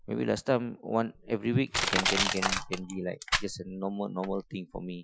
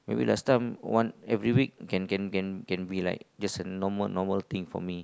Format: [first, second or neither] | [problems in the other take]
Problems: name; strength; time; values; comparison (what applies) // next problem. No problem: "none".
second | noise reduction (classical method Wiener filter)